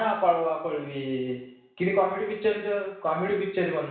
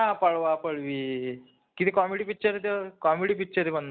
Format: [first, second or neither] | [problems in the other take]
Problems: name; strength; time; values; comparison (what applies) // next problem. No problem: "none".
second | room echo; dies away in 0.7 s